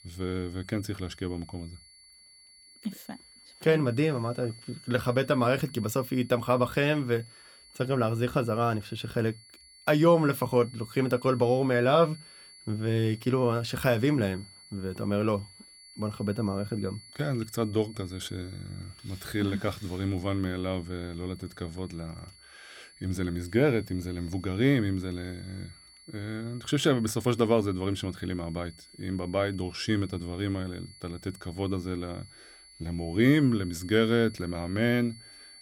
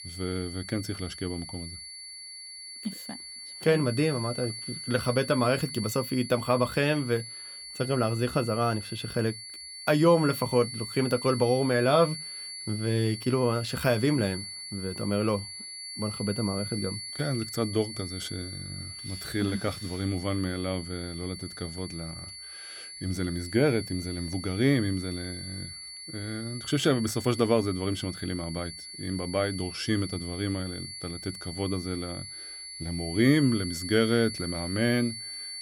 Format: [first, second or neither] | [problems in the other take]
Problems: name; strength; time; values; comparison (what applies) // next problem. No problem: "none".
first | high-pitched whine; loud; throughout; 4.5 kHz, 9 dB below the speech; faint in the first